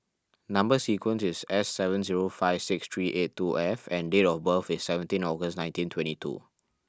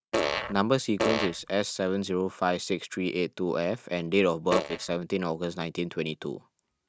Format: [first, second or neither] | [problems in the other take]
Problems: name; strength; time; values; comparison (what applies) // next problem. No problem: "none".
first | noise reduction (neural mask model RNNoise)